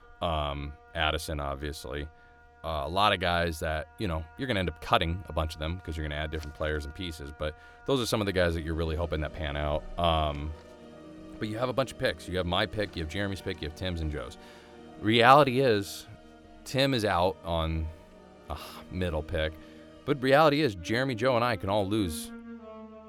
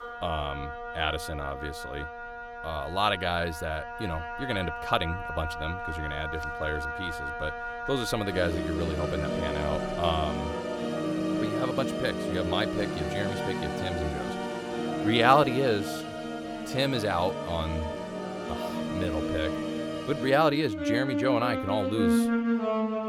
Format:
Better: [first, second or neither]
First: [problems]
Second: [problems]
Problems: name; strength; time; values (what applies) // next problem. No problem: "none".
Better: first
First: background music; faint; throughout; 20 dB below the speech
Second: background music; loud; throughout; 2 dB below the speech